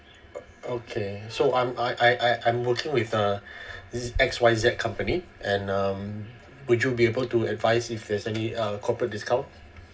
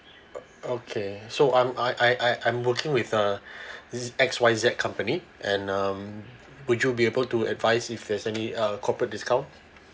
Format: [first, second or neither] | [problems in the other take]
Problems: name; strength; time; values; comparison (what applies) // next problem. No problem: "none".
second | background sound (Bicycle); 19 dB below the speech // room echo; dies away in 0.4 s